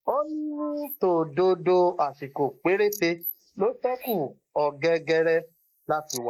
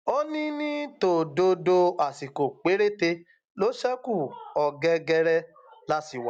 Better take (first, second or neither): second